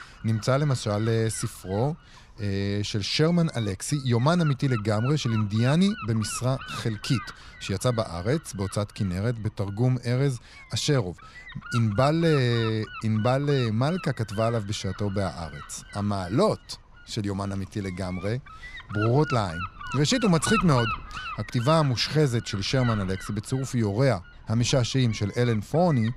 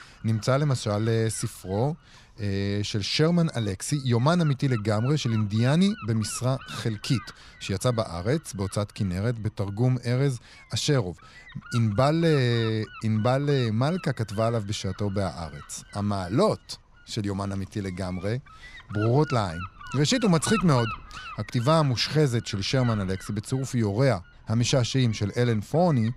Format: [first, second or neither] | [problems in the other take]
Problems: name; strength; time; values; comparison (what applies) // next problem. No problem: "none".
second | wind noise on the microphone; heavy; 8 dB below the speech; occasional gusts in the second